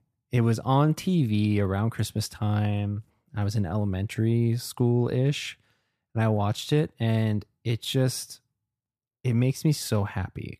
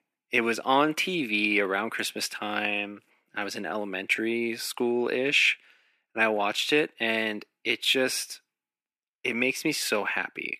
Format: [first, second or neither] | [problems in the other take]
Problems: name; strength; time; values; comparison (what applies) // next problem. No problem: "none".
first | thin; very; fading below 300 Hz